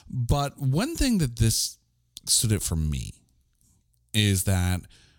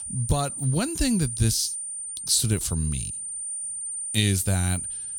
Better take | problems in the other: first | high-pitched whine; loud; throughout; 9 kHz, 5 dB below the speech

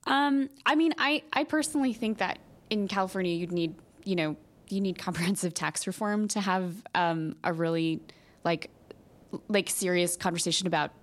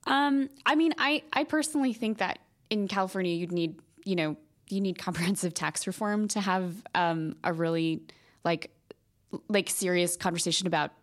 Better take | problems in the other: second | hiss; faint; from 1.5 to 5 s and from 8 s on; 30 dB below the speech

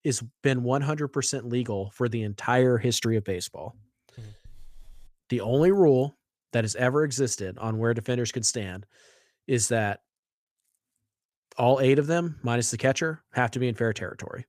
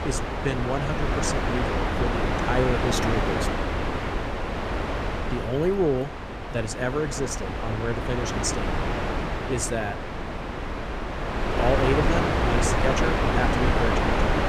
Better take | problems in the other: first | wind noise on the microphone; heavy; 2 dB above the speech

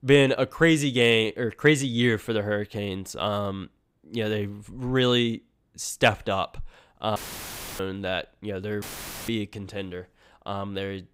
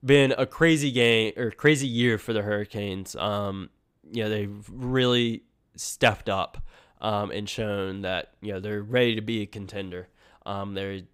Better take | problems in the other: second | audio cutting out; filled with static; at 7 s for 0.5 s and at 9 s

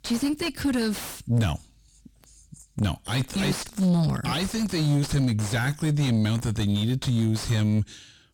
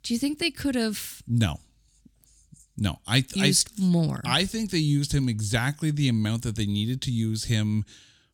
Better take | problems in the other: second | distortion; heavy; 6 dB below the speech

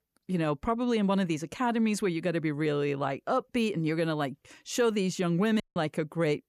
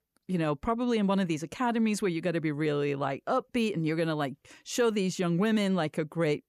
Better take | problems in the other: second | audio cutting out; at 5.5 s

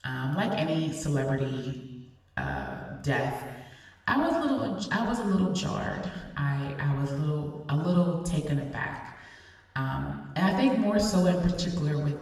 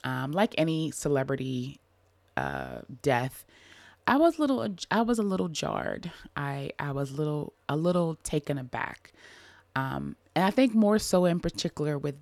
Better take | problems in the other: second | room echo; noticeable; dies away in 1.3 s // off-mic speech; somewhat distant

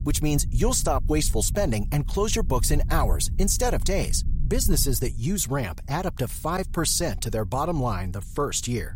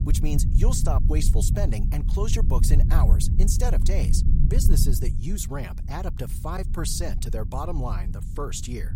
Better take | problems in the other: first | low rumble; loud; throughout; 8 dB below the speech; faint in the first

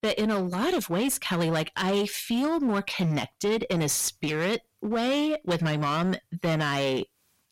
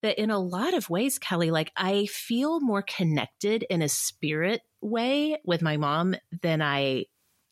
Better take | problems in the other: second | distortion; slight; 13% of the sound clipped

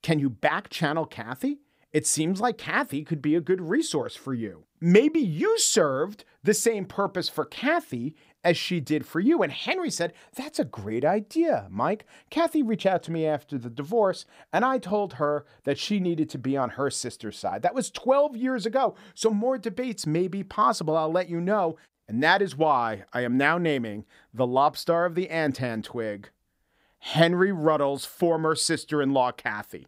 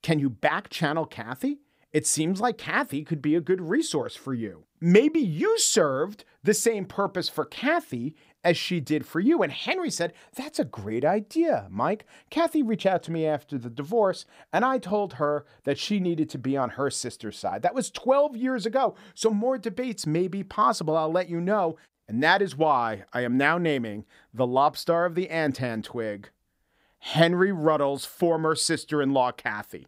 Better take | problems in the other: neither | none

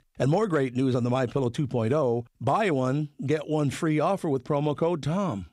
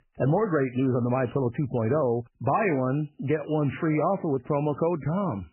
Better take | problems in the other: first | garbled, watery; badly; nothing above 2.5 kHz

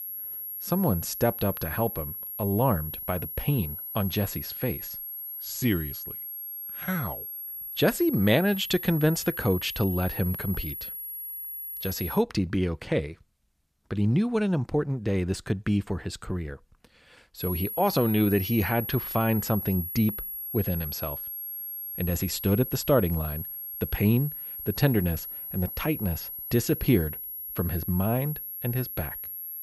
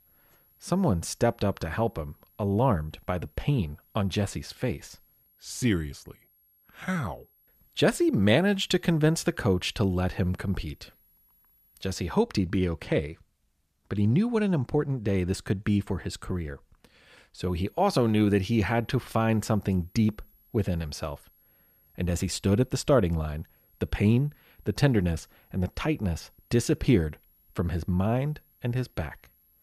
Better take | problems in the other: second | high-pitched whine; loud; until 12 s and from 17 s on; 11.5 kHz, 6 dB below the speech; faint in the second

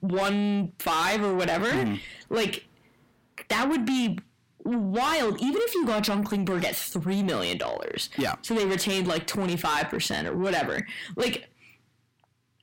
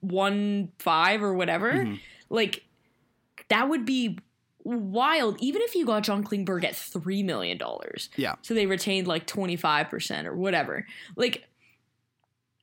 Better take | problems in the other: second | distortion; heavy; 7 dB below the speech

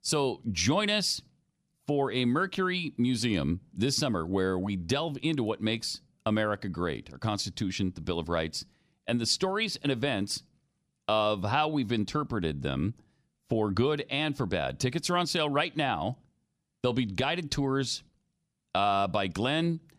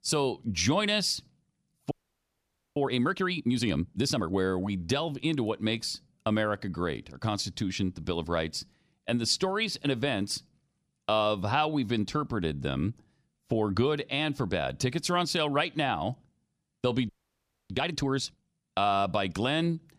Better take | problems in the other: first | audio freezing; at 2 s for 1 s and at 17 s for 0.5 s

